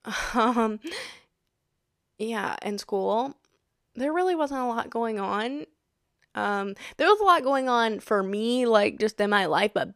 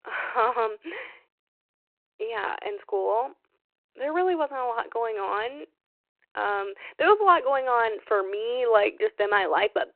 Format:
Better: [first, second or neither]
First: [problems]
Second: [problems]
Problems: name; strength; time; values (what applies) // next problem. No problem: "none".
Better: first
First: none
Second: phone-call audio